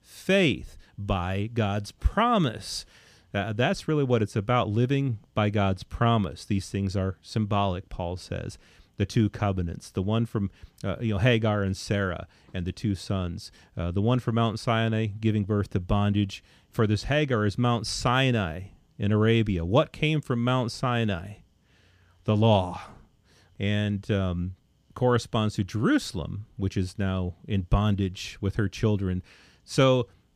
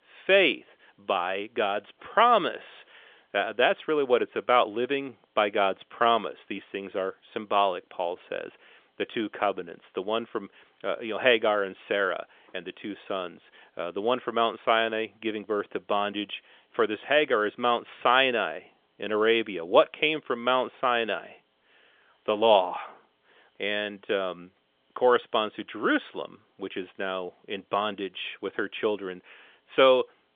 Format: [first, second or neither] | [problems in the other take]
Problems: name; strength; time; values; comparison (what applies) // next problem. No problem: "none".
first | phone-call audio; nothing above 3.5 kHz